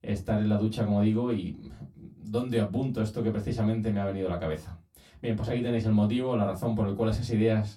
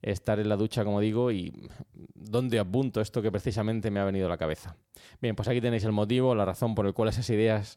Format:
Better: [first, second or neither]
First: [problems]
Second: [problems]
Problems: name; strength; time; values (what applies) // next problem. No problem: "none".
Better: second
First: off-mic speech; far // room echo; very slight; dies away in 0.2 s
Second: none